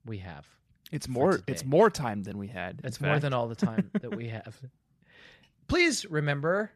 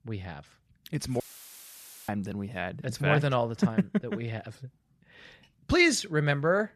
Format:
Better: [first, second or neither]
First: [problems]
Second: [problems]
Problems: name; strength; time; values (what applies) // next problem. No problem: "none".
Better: first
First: none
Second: audio cutting out; filled with static; at 1 s for 1 s